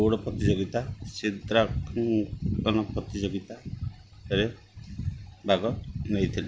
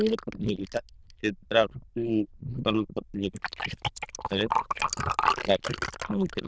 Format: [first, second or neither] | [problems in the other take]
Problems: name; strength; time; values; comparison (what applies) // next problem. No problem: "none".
first | noise reduction (neural diffusion model UNIVERSE++)